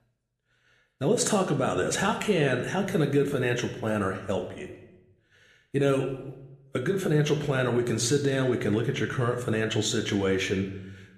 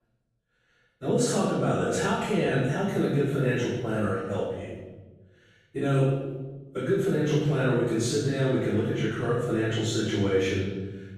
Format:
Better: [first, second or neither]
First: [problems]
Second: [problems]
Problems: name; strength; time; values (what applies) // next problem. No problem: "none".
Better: first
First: room echo; slight; dies away in 0.7 s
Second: room echo; strong; dies away in 1.3 s // off-mic speech; far